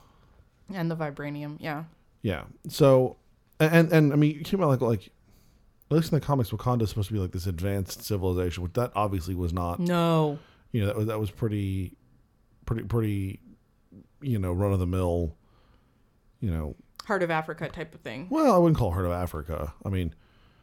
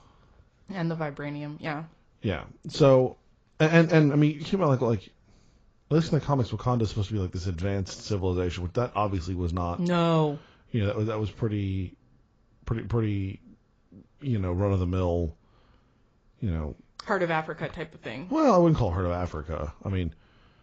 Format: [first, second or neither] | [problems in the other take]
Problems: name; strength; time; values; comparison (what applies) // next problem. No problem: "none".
first | garbled, watery; badly